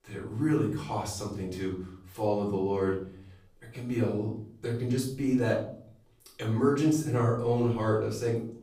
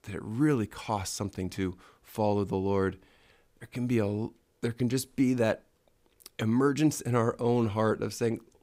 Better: second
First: room echo; noticeable; dies away in 0.5 s // off-mic speech; far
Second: none

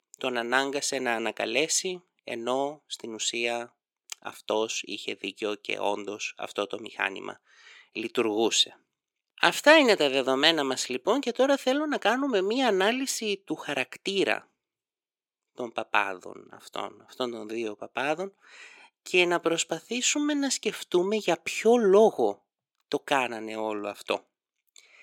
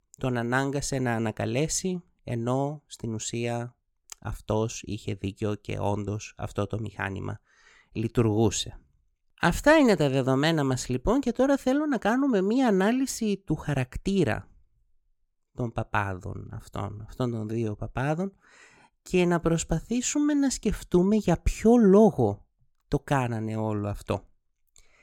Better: second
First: thin; somewhat; fading below 350 Hz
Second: none

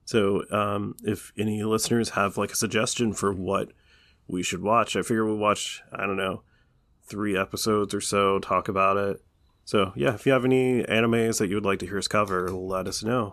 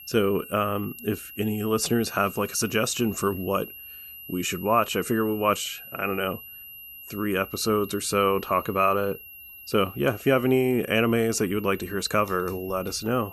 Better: first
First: none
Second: high-pitched whine; noticeable; throughout; 12 kHz, 15 dB below the speech

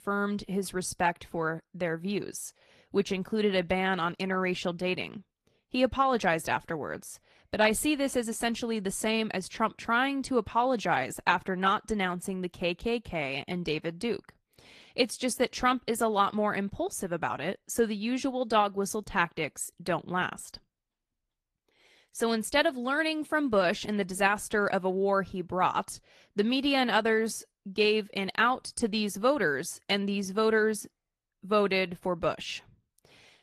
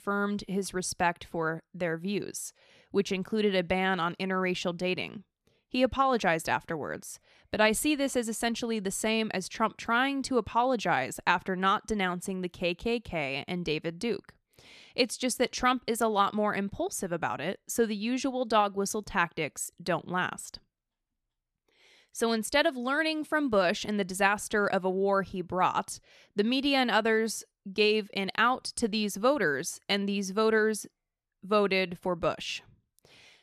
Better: second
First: garbled, watery; slightly; nothing above 14 kHz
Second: none

